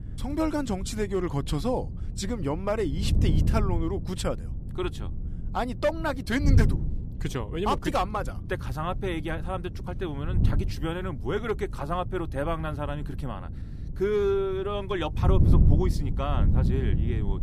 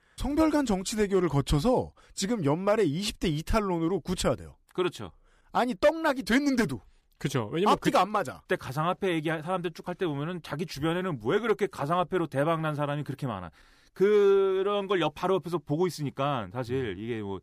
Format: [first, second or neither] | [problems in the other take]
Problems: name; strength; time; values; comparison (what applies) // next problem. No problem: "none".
second | wind noise on the microphone; occasional gusts; 10 dB below the speech